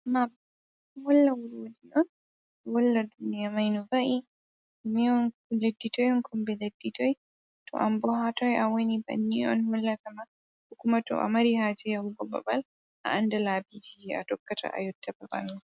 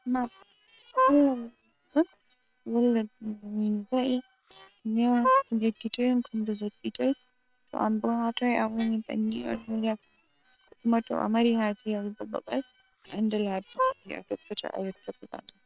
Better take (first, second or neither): first